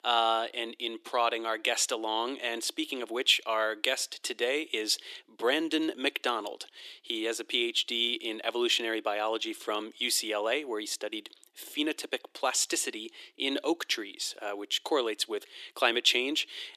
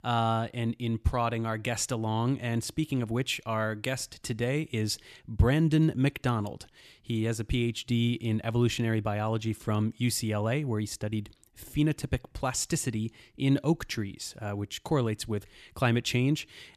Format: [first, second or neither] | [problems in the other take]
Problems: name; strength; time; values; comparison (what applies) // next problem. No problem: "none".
second | thin; very; fading below 350 Hz